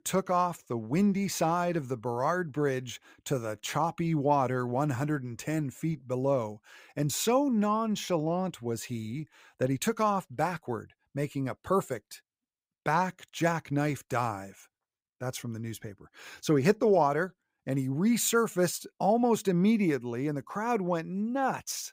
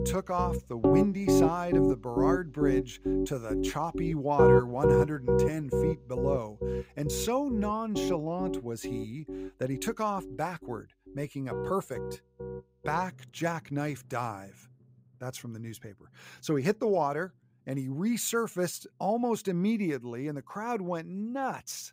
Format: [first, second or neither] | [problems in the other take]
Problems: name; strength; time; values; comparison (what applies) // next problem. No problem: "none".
first | background music; very loud; throughout; 3 dB above the speech